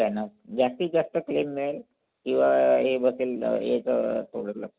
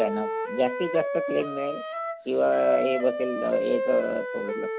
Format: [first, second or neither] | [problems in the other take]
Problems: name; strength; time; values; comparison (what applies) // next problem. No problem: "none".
first | background sound (Wind instrument, woodwind instrument); 4 dB below the speech